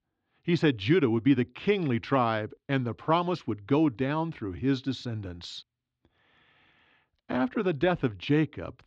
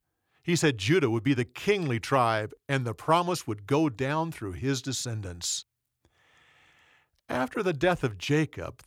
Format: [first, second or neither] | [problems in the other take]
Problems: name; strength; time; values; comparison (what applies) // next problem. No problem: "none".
second | muffled; slightly; fading above 4 kHz